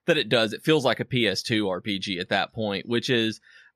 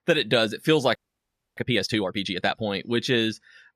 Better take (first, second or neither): first